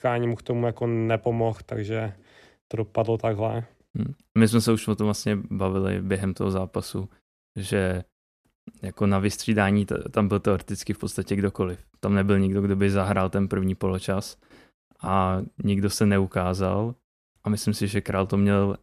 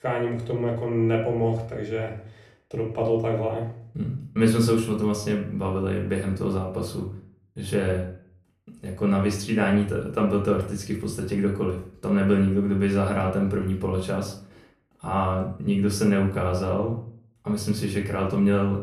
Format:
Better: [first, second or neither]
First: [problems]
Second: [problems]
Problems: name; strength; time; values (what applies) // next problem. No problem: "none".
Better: first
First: none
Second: room echo; slight; dies away in 0.4 s // off-mic speech; somewhat distant